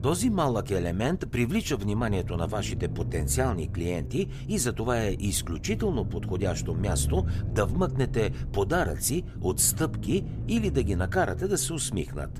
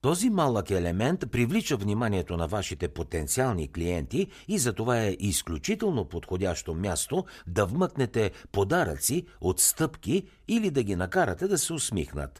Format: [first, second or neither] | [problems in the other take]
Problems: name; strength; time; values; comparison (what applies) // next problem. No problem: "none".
second | low rumble; noticeable; throughout; 15 dB below the speech